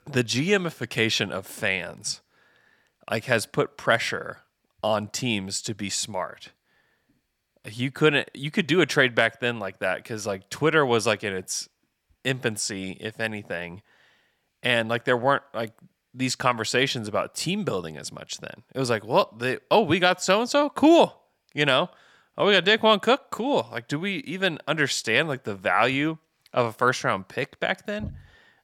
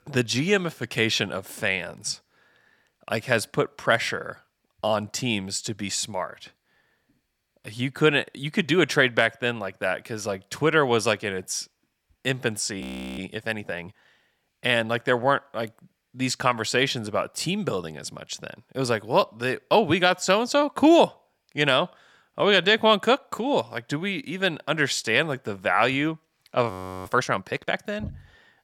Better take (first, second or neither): first